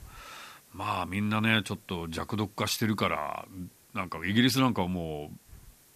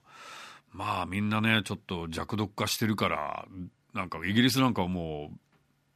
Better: second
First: hiss; faint; throughout; 25 dB below the speech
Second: none

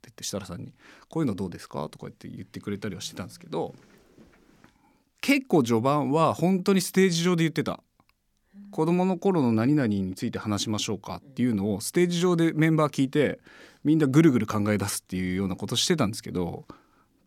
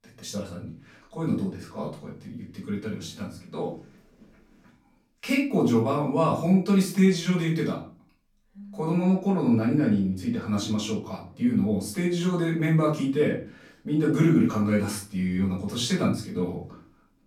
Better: first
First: none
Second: off-mic speech; far // room echo; slight; dies away in 0.4 s

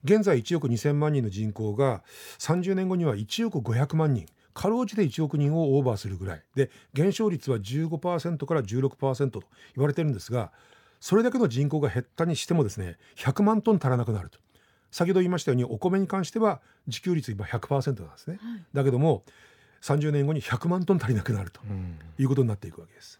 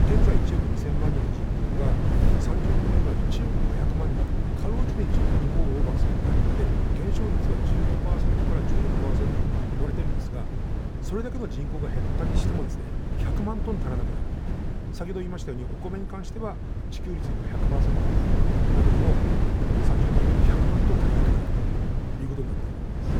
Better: first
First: none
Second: wind noise on the microphone; heavy; 4 dB above the speech

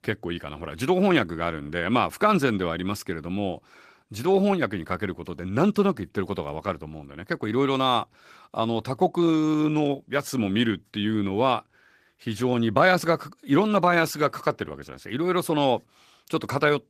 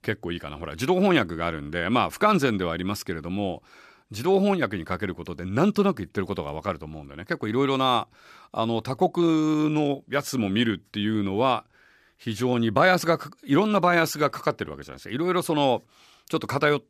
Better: second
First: garbled, watery; slightly; nothing above 14.5 kHz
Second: none

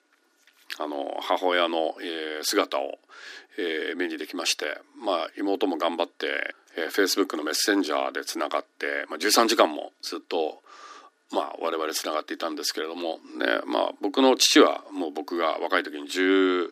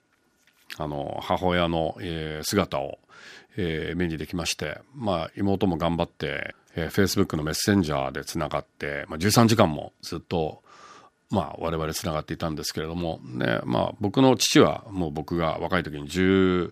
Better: second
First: thin; very slightly; fading below 300 Hz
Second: none

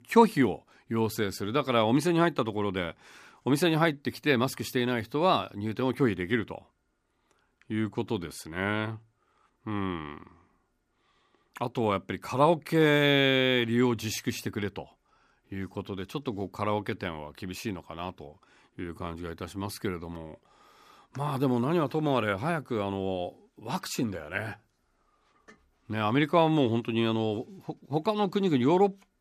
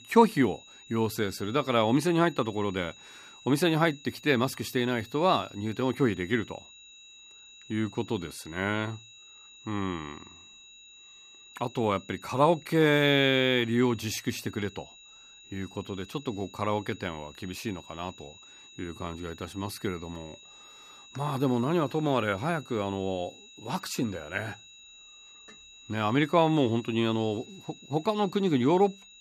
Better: first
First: none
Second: high-pitched whine; faint; throughout; 4 kHz, 20 dB below the speech

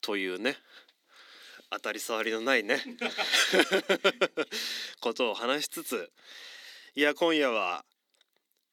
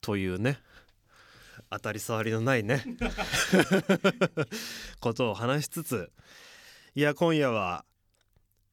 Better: second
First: thin; somewhat; fading below 250 Hz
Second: none

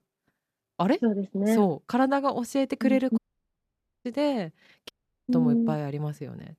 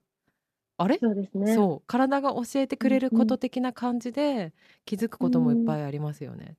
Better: second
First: audio cutting out; at 3 s for 1 s and at 5 s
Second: none

